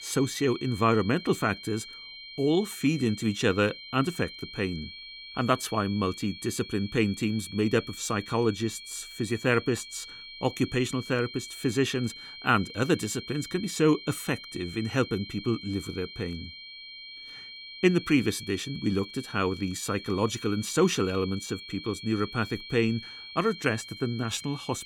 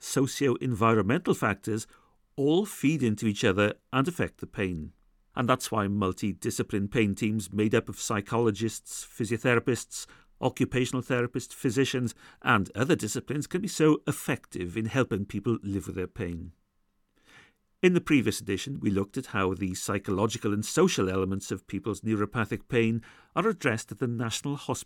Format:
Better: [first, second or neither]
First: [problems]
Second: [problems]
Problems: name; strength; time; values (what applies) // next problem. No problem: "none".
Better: second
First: high-pitched whine; noticeable; throughout; 4 kHz, 15 dB below the speech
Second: none